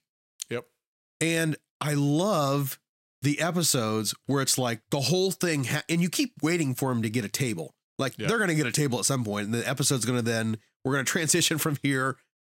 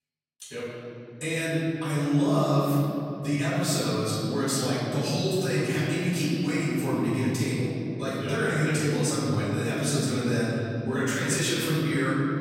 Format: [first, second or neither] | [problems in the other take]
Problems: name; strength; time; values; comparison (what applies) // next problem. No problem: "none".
first | room echo; strong; dies away in 3 s // off-mic speech; far